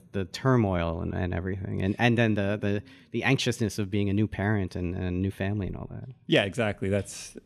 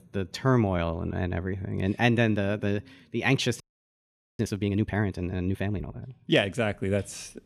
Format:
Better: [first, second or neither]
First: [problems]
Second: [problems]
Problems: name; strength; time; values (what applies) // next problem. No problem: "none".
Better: first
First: none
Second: audio freezing; at 3.5 s for 1 s